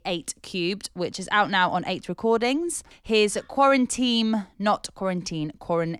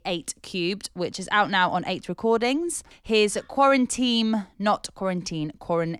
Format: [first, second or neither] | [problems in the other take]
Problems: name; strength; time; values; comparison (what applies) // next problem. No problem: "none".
neither | none